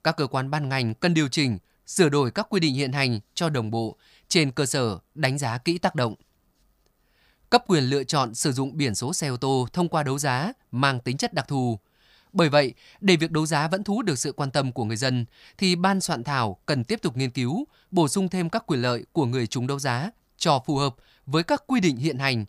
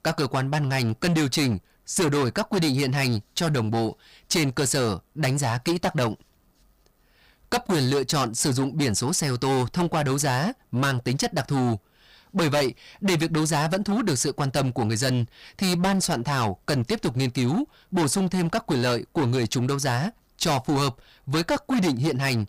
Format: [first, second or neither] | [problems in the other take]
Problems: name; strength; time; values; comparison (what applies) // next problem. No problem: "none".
first | distortion; heavy; 17% of the sound clipped